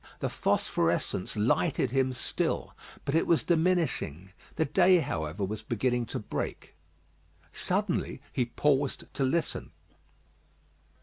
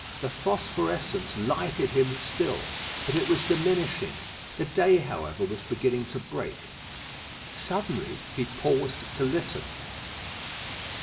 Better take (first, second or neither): first